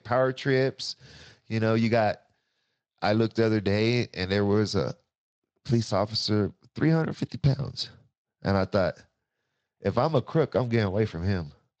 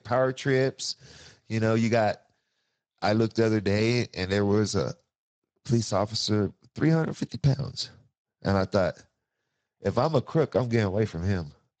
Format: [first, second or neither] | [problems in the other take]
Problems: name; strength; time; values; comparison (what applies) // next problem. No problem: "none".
first | garbled, watery; badly; nothing above 7.5 kHz; slightly in the first